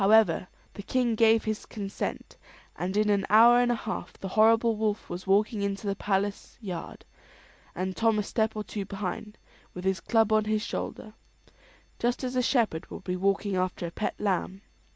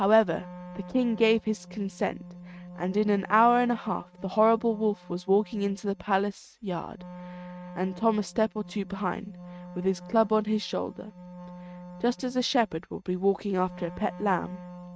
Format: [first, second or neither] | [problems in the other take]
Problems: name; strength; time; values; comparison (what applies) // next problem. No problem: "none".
first | noise reduction (neural mask model RNNoise)